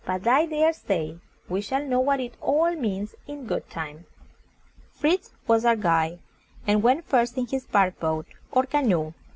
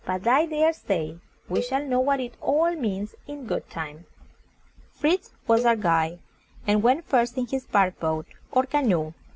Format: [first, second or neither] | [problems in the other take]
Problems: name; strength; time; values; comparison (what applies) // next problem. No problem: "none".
first | background sound (Cowbell); 13 dB below the speech